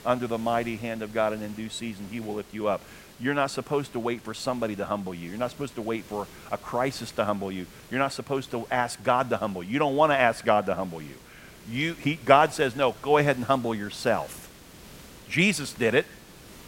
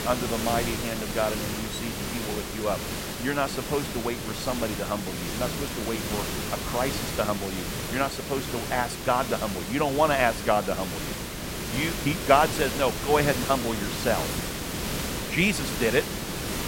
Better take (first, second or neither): first